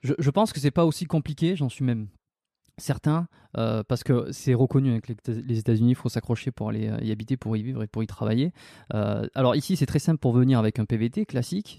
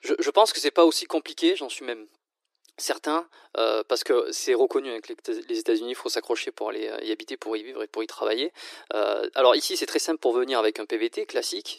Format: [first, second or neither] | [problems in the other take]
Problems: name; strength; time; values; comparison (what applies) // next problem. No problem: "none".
first | thin; very; fading below 300 Hz